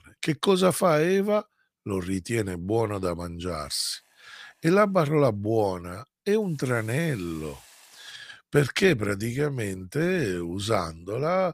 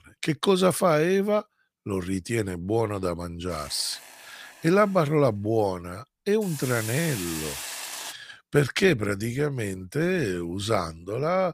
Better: first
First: hiss; faint; from 3.5 to 8 s; 25 dB below the speech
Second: hiss; loud; from 3.5 to 8 s; 10 dB below the speech

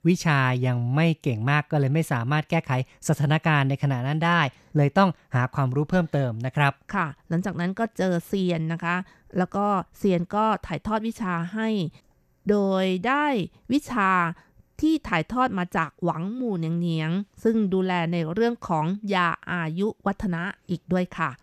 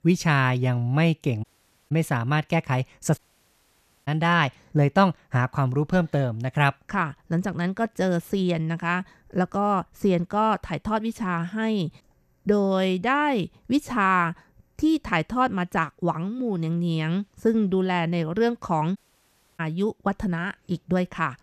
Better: first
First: none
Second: audio cutting out; at 1.5 s, at 3 s for 1 s and at 19 s for 0.5 s

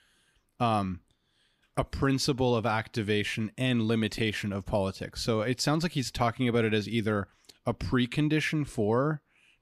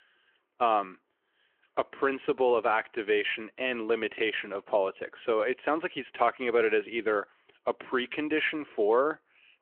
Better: first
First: none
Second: phone-call audio

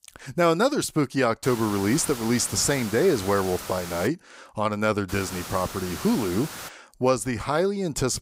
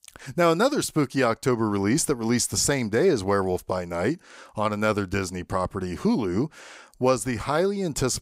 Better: second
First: hiss; noticeable; from 1.5 to 4 s and from 5 to 6.5 s; 10 dB below the speech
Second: none

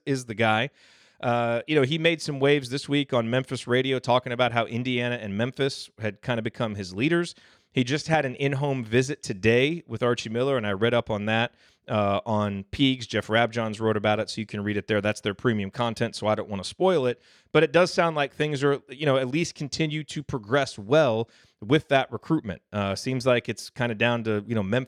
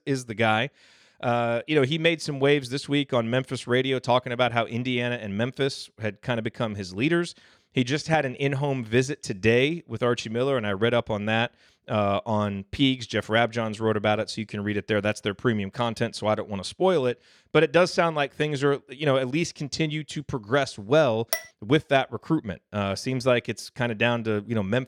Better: first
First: none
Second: clattering dishes; noticeable; at 21 s; peak 5 dB below the speech

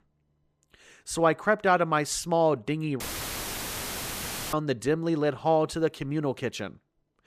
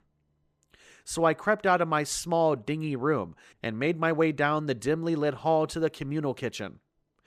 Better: second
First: audio cutting out; filled with static; at 3 s for 1.5 s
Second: none

